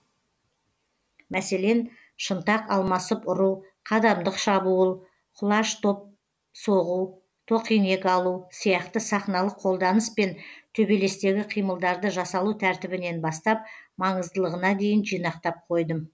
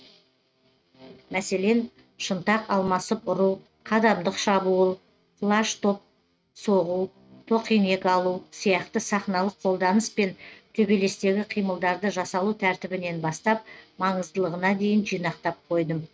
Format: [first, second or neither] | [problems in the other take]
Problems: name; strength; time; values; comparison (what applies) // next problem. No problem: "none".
first | noise reduction (neural mask model RNNoise)